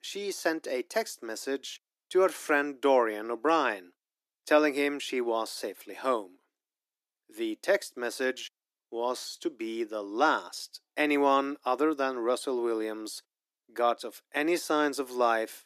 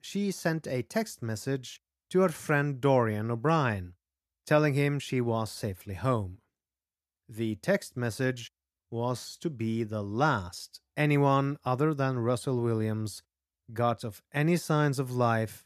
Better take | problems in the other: second | thin; somewhat; fading below 300 Hz

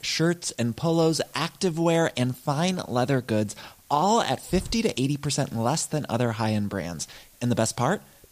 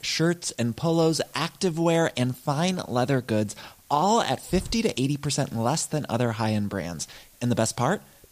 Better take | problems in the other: neither | hiss; faint; throughout; 25 dB below the speech; the same in both

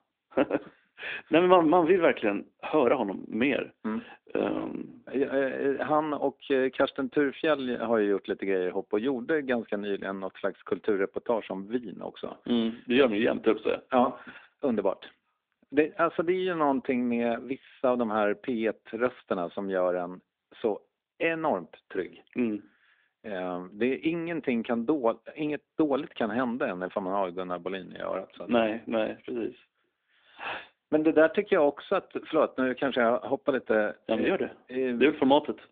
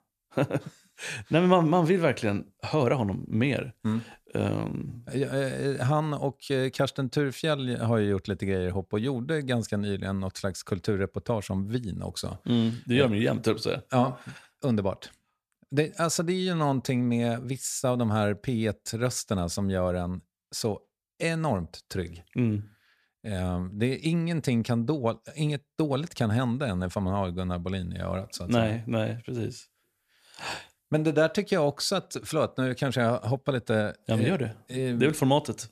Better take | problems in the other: second | phone-call audio; nothing above 3.5 kHz

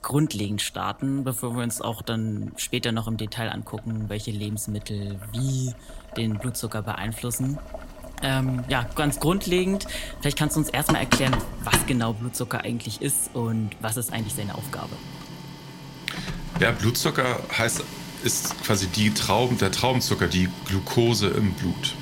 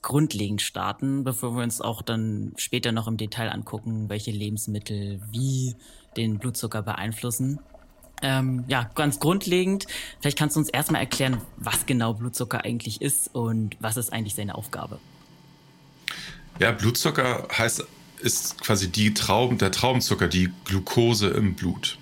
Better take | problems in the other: second | household noises; loud; throughout; 8 dB below the speech; faint in the second

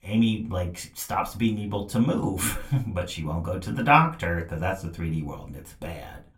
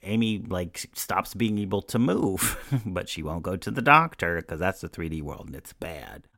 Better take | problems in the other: second | off-mic speech; somewhat distant // room echo; very slight; dies away in 0.2 s

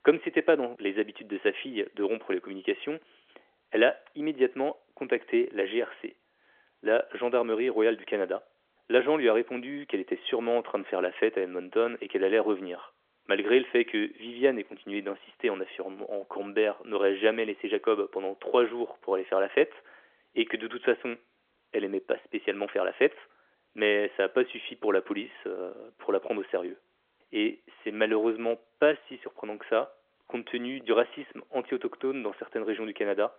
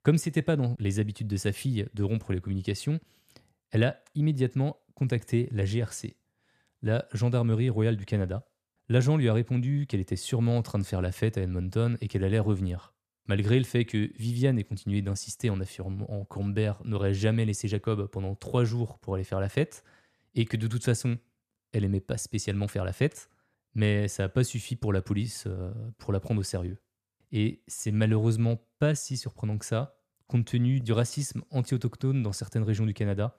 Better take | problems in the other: second | phone-call audio; nothing above 3.5 kHz

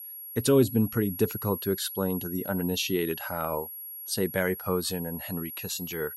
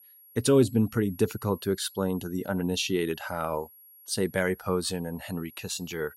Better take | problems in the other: second | high-pitched whine; loud; throughout; 11.5 kHz, 8 dB below the speech; faint in the second

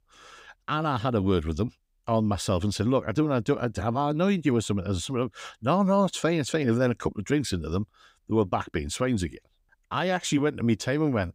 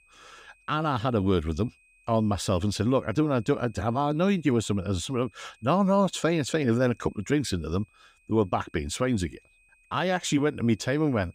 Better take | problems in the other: first | high-pitched whine; faint; throughout; 2.5 kHz, 35 dB below the speech

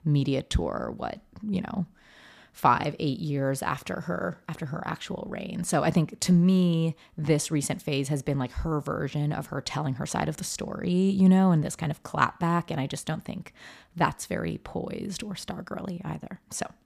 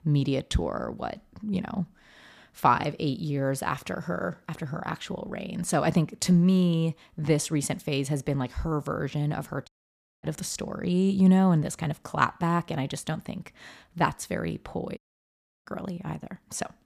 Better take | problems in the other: first | audio cutting out; at 9.5 s for 0.5 s and at 15 s for 0.5 s

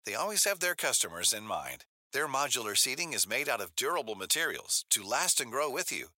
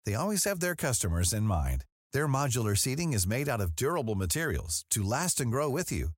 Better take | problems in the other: second | thin; very; fading below 550 Hz

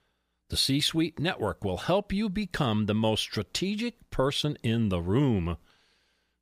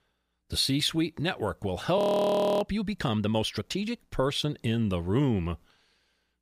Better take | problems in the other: first | audio freezing; at 2 s for 0.5 s

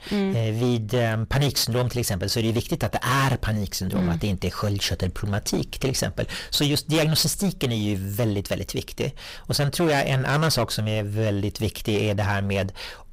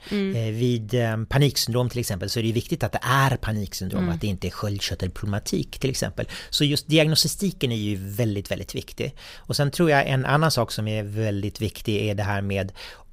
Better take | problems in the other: second | distortion; heavy; 14% of the sound clipped

